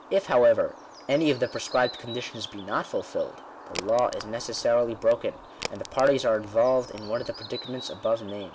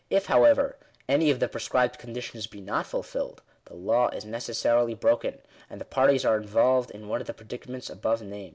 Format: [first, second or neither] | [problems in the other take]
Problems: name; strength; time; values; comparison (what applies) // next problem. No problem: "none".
second | background sound (Crack + Bird); 16 dB below the speech